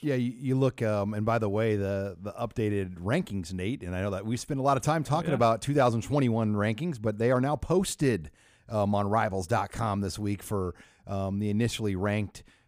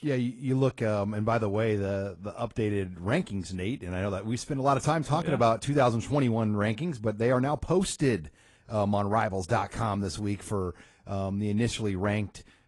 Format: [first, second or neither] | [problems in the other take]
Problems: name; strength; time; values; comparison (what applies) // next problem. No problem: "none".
first | garbled, watery; slightly; nothing above 10.5 kHz